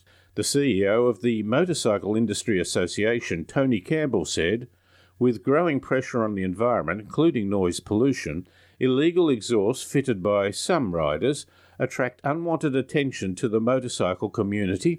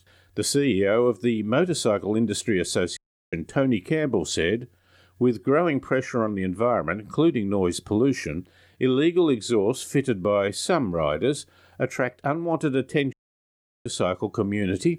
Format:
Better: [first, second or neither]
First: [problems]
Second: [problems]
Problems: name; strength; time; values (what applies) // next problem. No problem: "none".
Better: first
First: none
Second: audio cutting out; at 3 s and at 13 s for 0.5 s